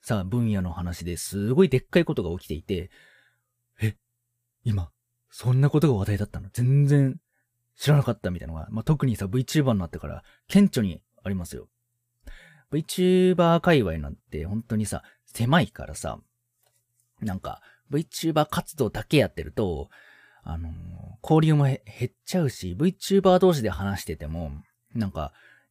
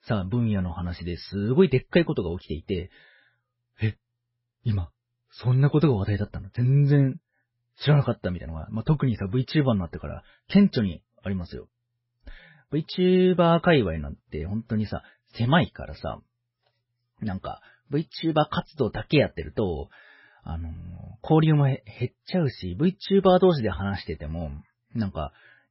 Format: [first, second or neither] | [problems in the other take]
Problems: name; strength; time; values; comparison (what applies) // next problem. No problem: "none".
first | garbled, watery; badly; nothing above 5.5 kHz